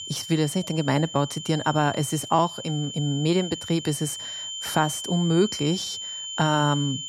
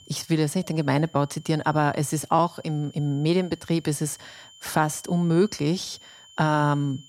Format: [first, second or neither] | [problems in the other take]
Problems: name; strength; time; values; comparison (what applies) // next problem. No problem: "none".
second | high-pitched whine; loud; throughout; 3 kHz, 8 dB below the speech; faint in the second